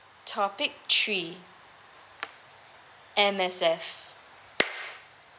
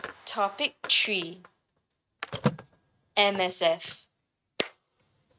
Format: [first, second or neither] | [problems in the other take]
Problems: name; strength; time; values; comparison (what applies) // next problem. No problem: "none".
first | noise reduction (neural mask model RNNoise)